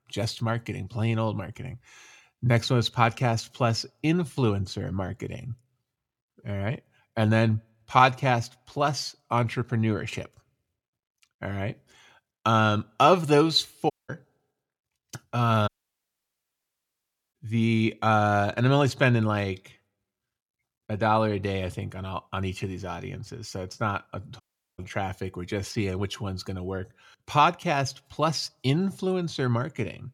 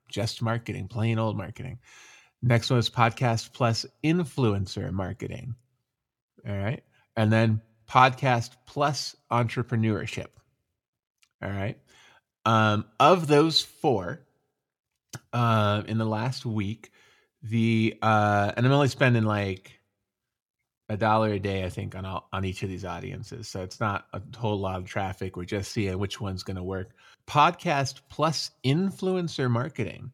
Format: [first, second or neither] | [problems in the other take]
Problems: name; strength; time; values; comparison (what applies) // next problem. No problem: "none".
second | audio cutting out; at 14 s, at 16 s for 1.5 s and at 24 s